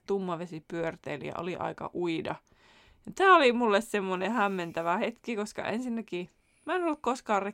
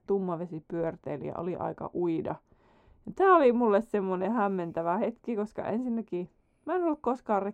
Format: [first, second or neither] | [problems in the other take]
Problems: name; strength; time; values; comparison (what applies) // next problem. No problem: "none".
first | muffled; very; fading above 1.5 kHz